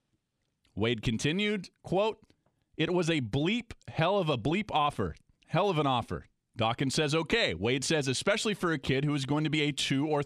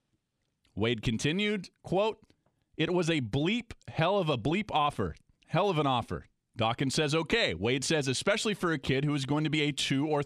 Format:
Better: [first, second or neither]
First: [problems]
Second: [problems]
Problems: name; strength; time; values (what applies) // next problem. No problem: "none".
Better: neither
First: none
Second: none